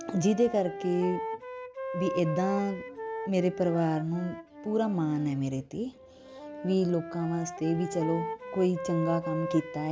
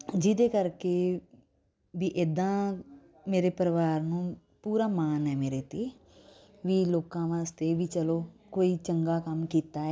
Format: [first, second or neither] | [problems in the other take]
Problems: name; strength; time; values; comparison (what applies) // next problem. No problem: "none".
second | background sound (Wind instrument, woodwind instrument); 8 dB below the speech